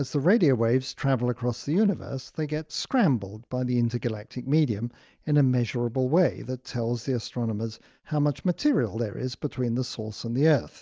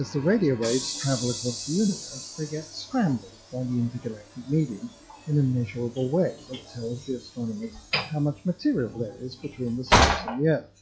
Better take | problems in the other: first | noise reduction (classical method log-MMSE)

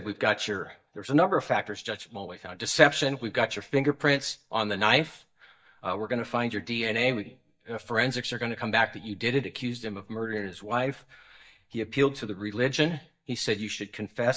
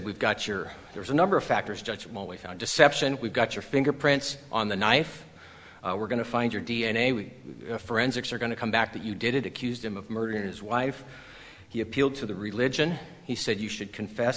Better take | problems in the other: second | noise reduction (neural mask model DeepFilterNet 3)

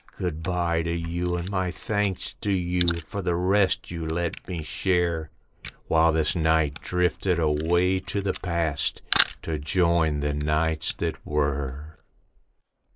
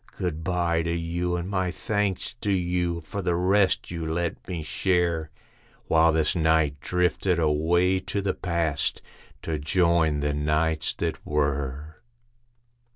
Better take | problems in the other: second | noise reduction (neural mask model Resemble Enhance denoiser)

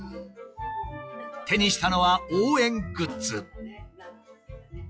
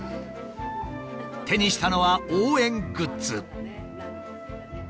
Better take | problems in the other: second | noise reduction (classical method log-MMSE)

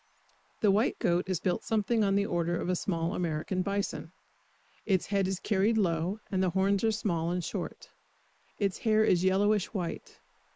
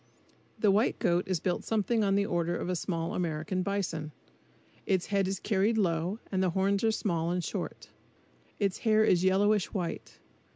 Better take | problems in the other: second | noise reduction (neural mask model Resemble Enhance denoiser)

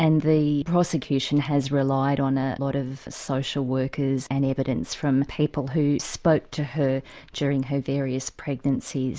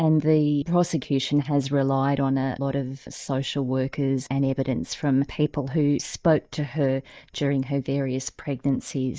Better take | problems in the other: first | noise reduction (neural mask model DeepFilterNet 3)

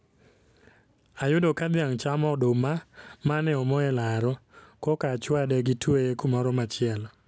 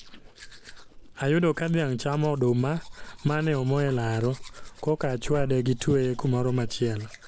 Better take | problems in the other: first | background sound (Domestic sounds, home sounds); 11 dB below the speech

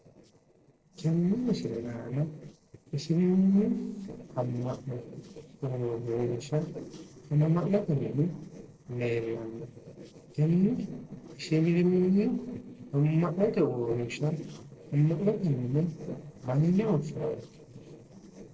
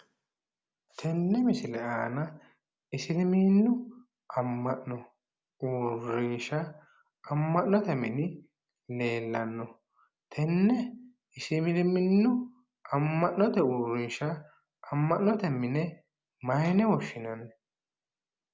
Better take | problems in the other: second | noise reduction (neural separator model SepFormer DNS4)

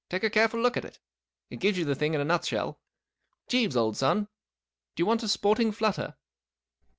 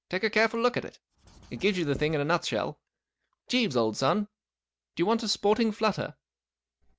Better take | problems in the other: first | background sound (Writing); 19 dB below the speech

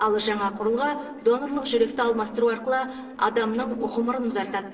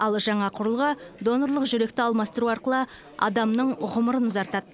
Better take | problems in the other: second | noise reduction (neural separator model SepFormer DNS4)

